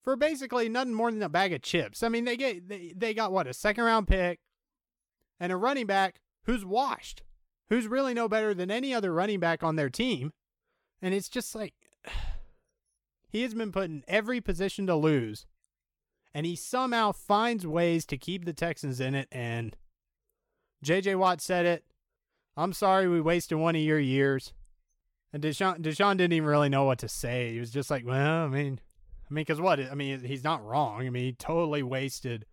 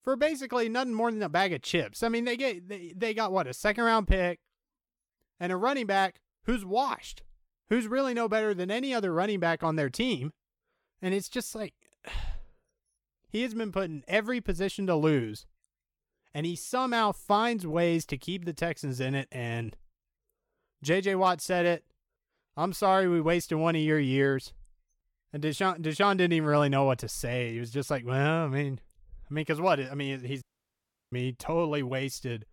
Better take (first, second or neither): first